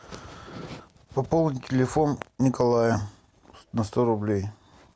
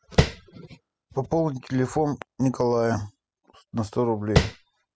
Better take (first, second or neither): first